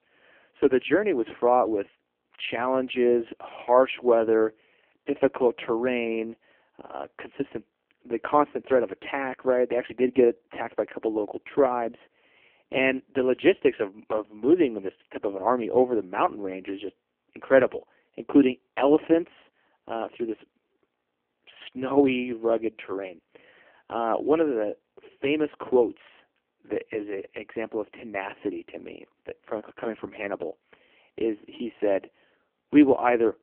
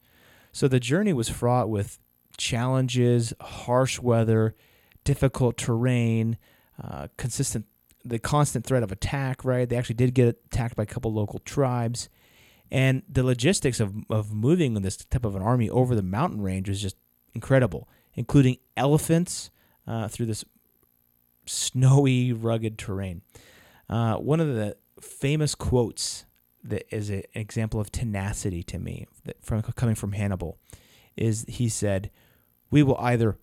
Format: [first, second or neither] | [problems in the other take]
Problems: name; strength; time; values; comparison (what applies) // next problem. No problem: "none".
second | phone-call audio; poor line